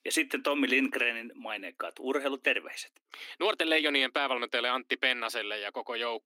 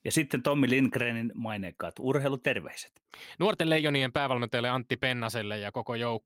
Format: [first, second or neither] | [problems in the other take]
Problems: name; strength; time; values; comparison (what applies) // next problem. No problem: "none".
second | thin; very slightly; fading below 250 Hz